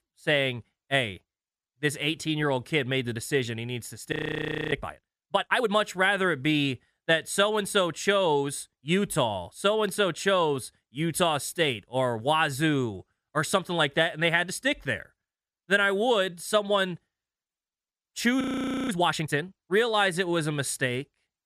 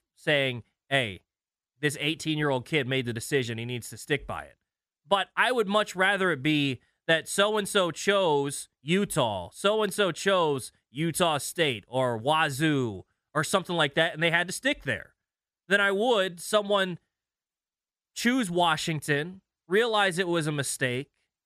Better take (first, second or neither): second